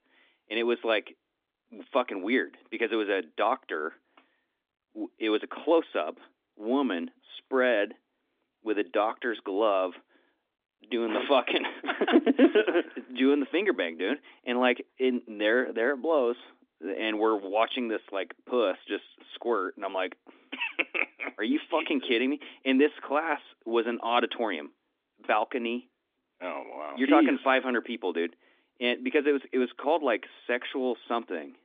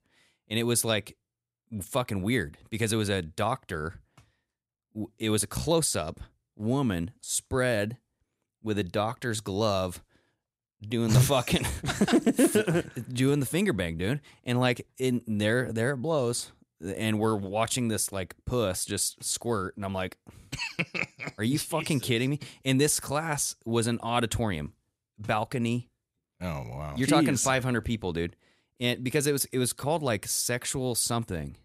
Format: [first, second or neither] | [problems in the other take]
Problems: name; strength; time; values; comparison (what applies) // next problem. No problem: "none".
second | phone-call audio